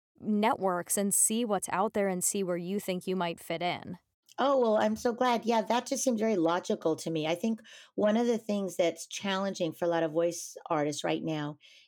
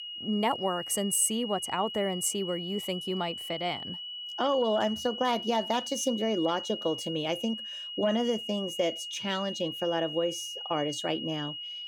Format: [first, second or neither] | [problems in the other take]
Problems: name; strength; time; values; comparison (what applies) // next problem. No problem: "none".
first | high-pitched whine; loud; throughout; 3 kHz, 6 dB below the speech